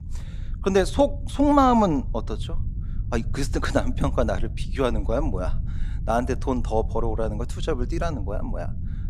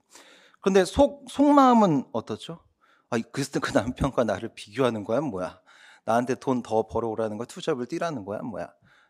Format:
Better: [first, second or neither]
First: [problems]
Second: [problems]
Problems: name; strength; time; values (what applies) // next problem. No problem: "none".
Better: second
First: low rumble; faint; throughout; 20 dB below the speech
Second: none